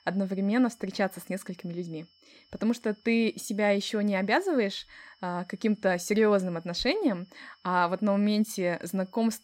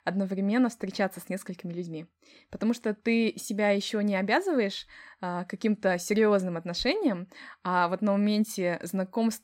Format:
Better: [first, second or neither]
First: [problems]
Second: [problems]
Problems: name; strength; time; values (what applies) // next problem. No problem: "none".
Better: second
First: high-pitched whine; faint; throughout; 5.5 kHz, 35 dB below the speech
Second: none